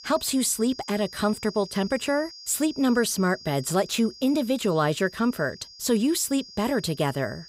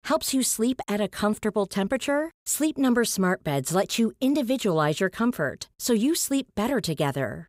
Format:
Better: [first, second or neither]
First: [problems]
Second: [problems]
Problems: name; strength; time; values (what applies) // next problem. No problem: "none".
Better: second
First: high-pitched whine; noticeable; throughout; 5 kHz, 15 dB below the speech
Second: none